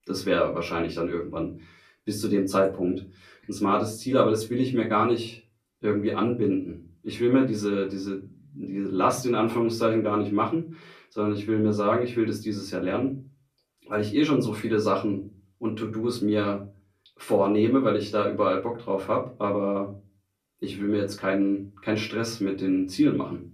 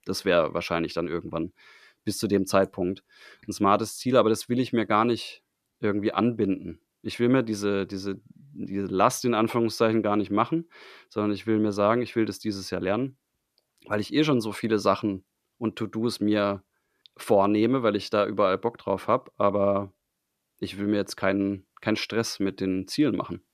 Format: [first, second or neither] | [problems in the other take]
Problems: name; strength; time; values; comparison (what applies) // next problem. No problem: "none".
second | off-mic speech; far // room echo; very slight; dies away in 0.3 s